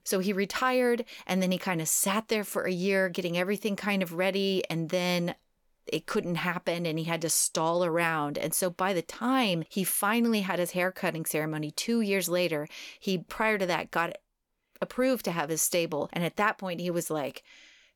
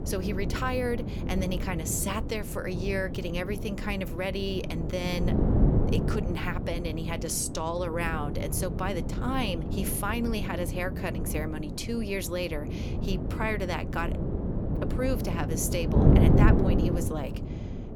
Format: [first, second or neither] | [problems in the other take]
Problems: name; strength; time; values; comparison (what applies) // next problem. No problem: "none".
first | wind noise on the microphone; heavy; 4 dB below the speech